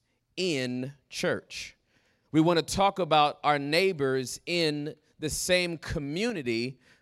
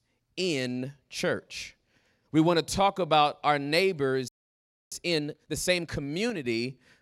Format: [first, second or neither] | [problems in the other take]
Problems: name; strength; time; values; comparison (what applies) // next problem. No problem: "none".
first | audio freezing; at 4.5 s for 0.5 s